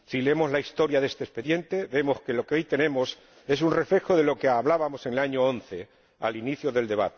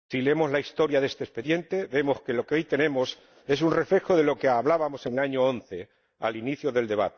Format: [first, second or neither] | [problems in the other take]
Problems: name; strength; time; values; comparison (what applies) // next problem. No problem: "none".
first | noise reduction (neural mask model DeepFilterNet 3)